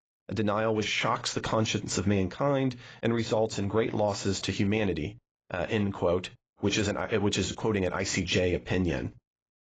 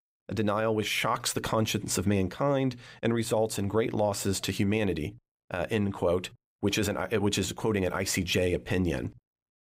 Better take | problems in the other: second | garbled, watery; badly; nothing above 7.5 kHz

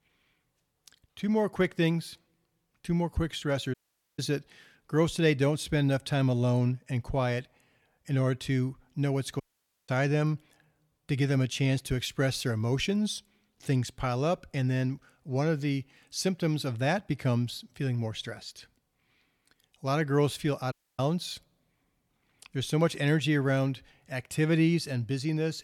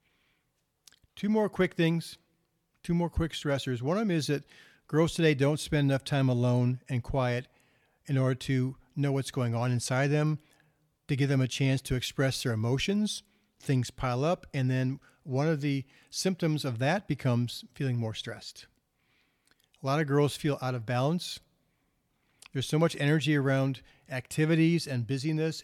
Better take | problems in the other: second | audio cutting out; at 3.5 s, at 9.5 s and at 21 s

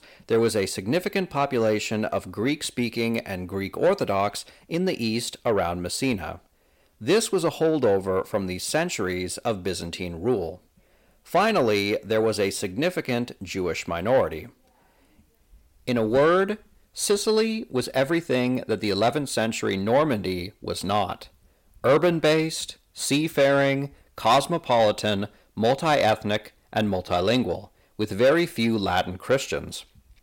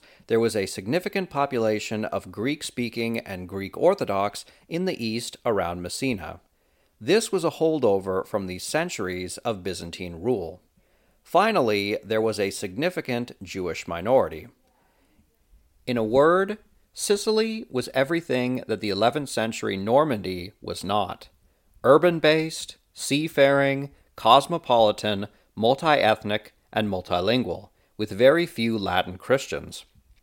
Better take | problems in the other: second | distortion; slight; 10 dB below the speech

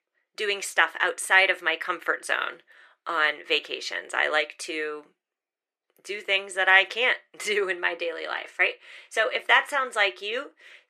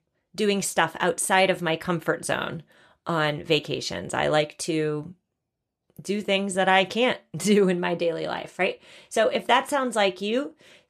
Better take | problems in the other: second | thin; very; fading below 400 Hz

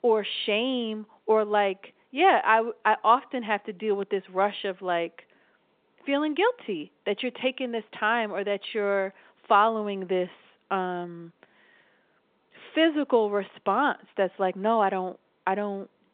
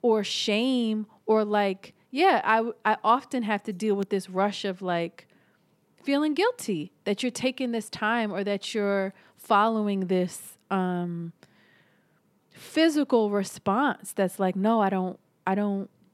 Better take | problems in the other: second | phone-call audio

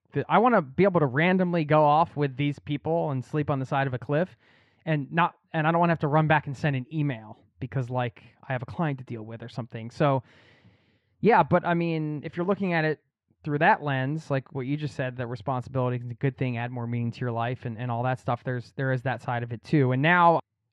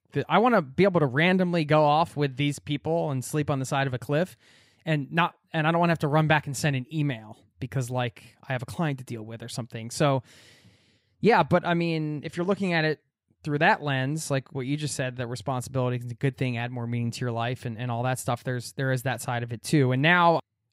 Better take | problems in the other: second | muffled; slightly; fading above 2.5 kHz

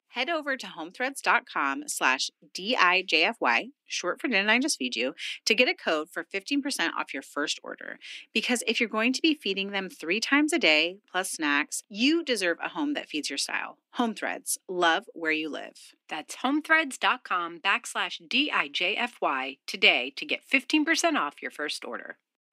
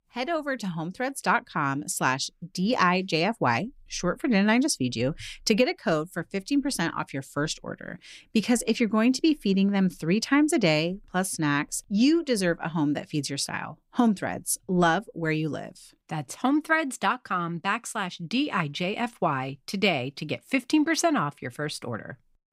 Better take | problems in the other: second | thin; very slightly; fading below 250 Hz

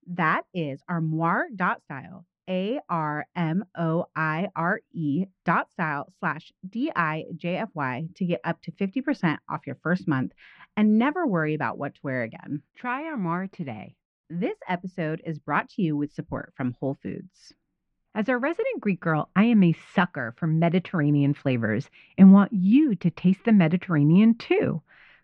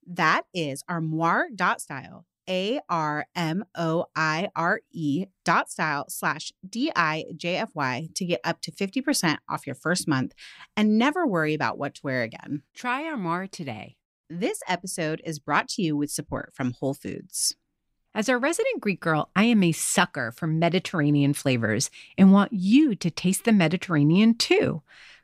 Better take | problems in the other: second | muffled; very; fading above 2.5 kHz

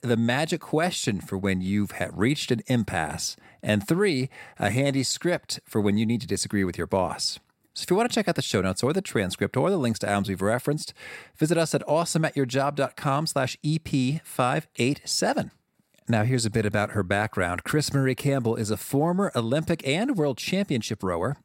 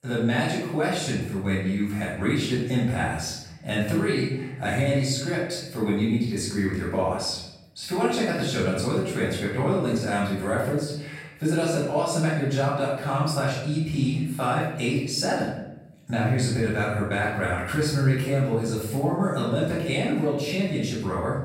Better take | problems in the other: first | off-mic speech; far // room echo; noticeable; dies away in 0.8 s

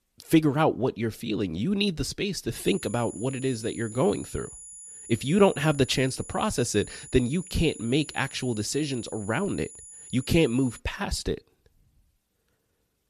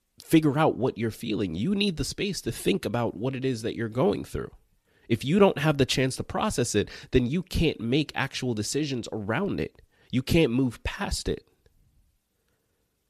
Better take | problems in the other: second | high-pitched whine; noticeable; from 2.5 to 11 s; 10.5 kHz, 15 dB below the speech

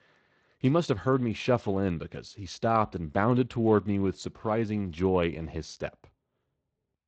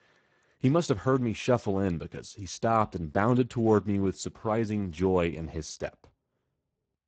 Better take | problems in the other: first | garbled, watery; badly; nothing above 7.5 kHz; slightly in the first

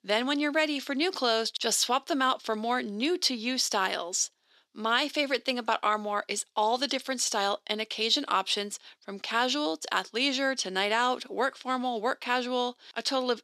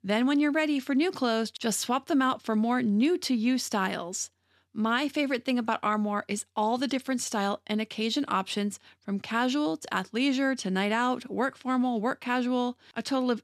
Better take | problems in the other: second | thin; somewhat; fading below 450 Hz

